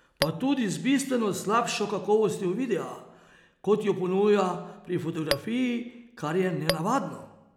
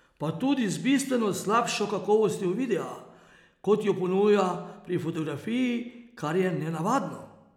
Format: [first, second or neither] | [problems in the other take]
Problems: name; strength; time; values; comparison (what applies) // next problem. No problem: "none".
second | background sound (Tap / Glass); 4 dB below the speech